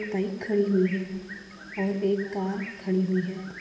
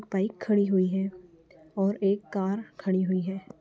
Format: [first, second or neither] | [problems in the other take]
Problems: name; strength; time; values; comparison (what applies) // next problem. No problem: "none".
second | background sound (Bird); 16 dB below the speech // room echo; dies away in 1.9 s